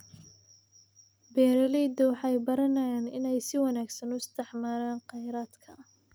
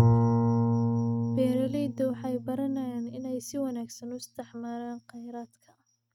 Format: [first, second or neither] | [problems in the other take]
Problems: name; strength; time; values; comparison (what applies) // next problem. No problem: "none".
first | noise reduction (neural mask model RNNoise)